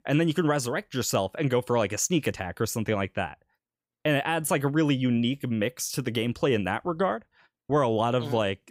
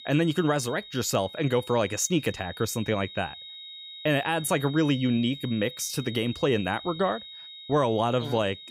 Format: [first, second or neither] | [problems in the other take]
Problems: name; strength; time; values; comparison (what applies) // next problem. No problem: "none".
first | high-pitched whine; noticeable; throughout; 4 kHz, 15 dB below the speech